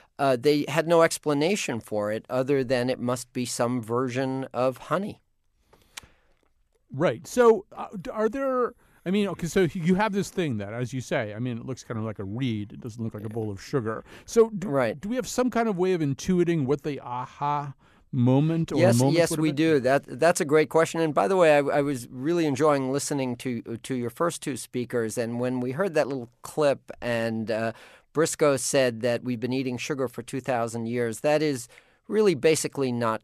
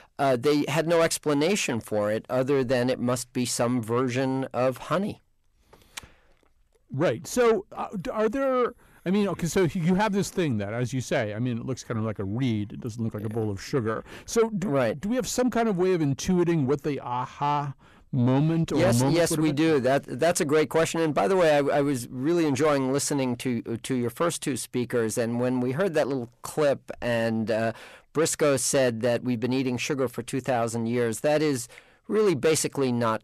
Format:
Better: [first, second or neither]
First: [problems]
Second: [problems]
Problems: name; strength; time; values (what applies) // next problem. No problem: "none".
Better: first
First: none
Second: distortion; slight; 10 dB below the speech